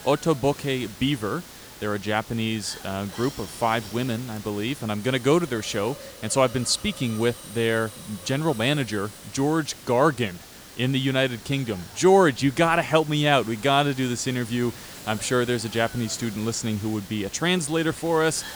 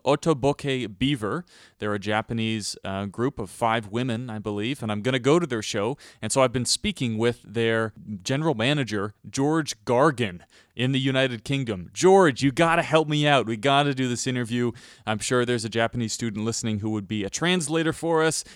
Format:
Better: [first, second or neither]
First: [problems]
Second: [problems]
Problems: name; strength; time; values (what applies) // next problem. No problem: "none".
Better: second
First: hiss; noticeable; throughout; 15 dB below the speech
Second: none